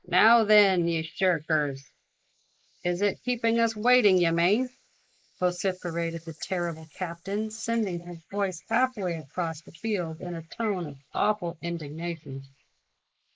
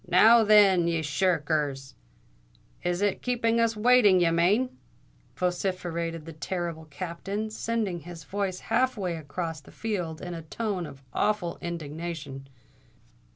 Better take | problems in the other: second | noise reduction (neural mask model Resemble Enhance denoiser)

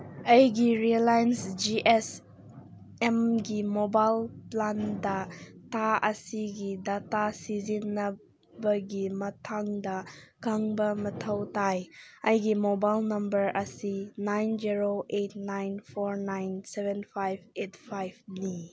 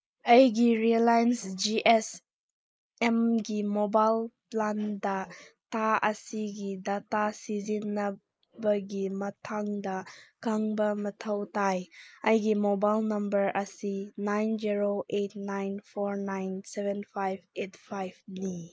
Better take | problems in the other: first | noise reduction (neural mask model Resemble Enhance denoiser)

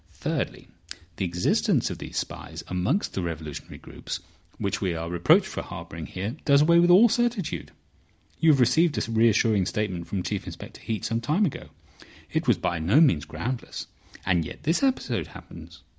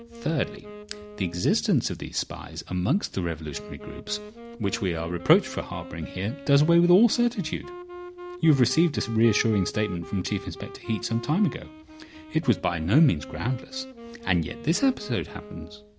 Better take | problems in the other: first | background sound (Wind instrument, woodwind instrument); 16 dB below the speech

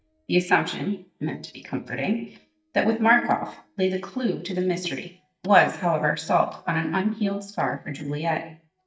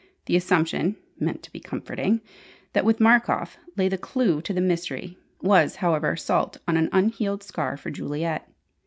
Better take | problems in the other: second | noise reduction (neural mask model DeepFilterNet 3)

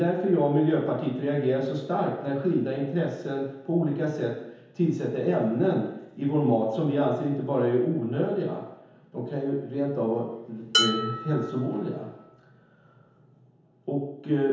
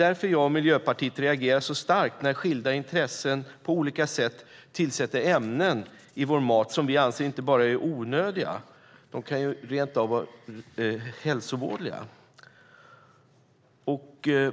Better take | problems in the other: second | background sound (Dishes, pots, and pans); 6 dB below the speech // room echo; dies away in 1 s

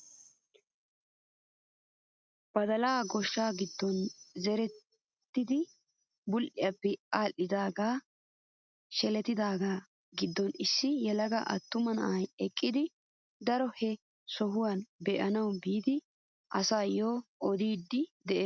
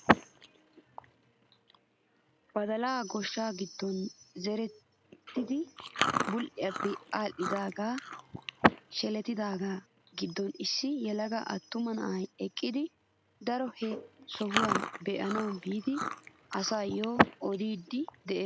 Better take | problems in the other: first | background sound (Chewing, mastication); 1 dB below the speech

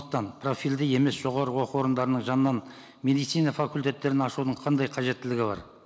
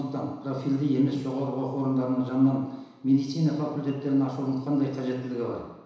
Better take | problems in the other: first | room echo; dies away in 1 s

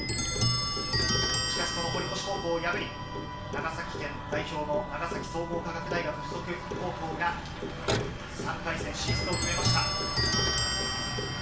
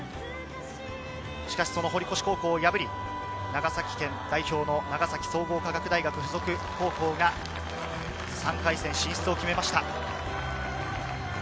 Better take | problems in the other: second | background sound (Clock); 2 dB above the speech // room echo; dies away in 0.4 s

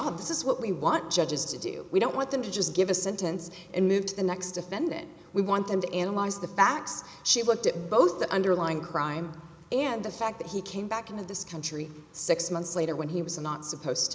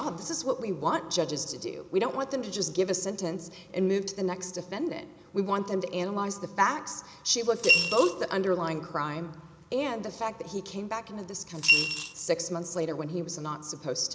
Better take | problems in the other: first | background sound (Coin (dropping) / Glass); 4 dB above the speech

